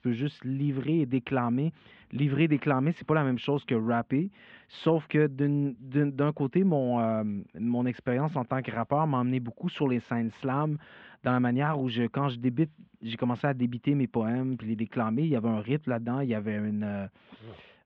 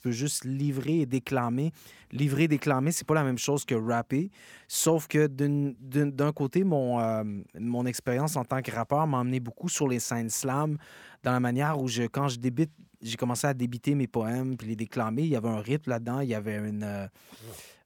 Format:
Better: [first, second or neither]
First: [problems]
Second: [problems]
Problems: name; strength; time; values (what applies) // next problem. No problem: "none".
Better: second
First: muffled; very; fading above 3.5 kHz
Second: none